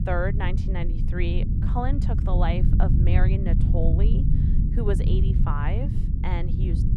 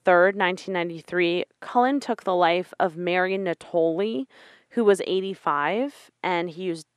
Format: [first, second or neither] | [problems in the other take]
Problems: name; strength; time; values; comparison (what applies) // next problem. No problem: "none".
second | low rumble; loud; throughout; 4 dB below the speech